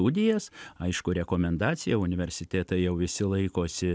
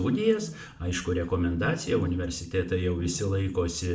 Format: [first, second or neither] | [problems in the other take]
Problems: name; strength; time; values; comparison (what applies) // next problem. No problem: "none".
first | background sound (Wild animals); 14 dB below the speech // room echo; dies away in 0.4 s